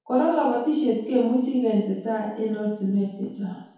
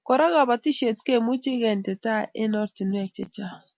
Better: second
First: room echo; dies away in 2 s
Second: none

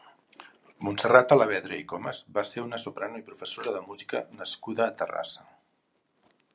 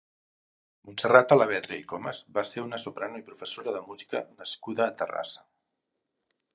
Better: first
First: none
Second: noise reduction (neural mask model DeepFilterNet 3)

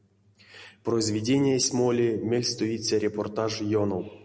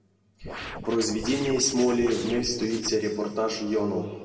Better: first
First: none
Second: background sound (Scratching (performance technique)); 12 dB below the speech // room echo; dies away in 1.7 s

